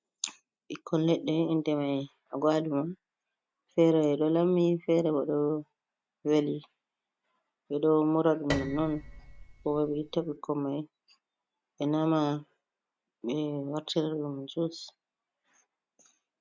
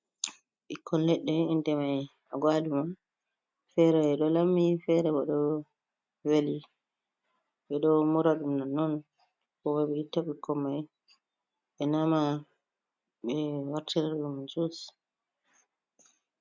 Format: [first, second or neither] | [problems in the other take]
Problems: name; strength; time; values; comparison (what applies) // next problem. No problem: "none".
second | background sound (Piano); 9 dB below the speech